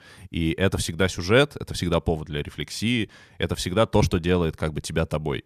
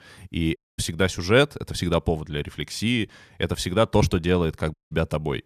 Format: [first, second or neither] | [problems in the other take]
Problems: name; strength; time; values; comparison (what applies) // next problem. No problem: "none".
first | audio cutting out; at 0.5 s and at 4.5 s